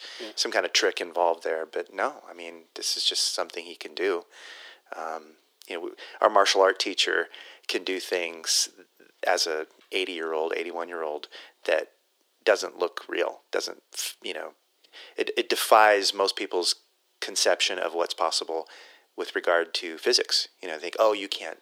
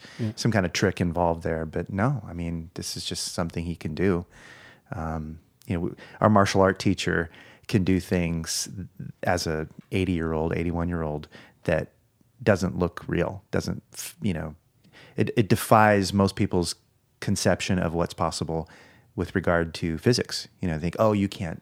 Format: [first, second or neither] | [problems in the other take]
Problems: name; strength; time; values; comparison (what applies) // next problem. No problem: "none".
second | thin; very; fading below 350 Hz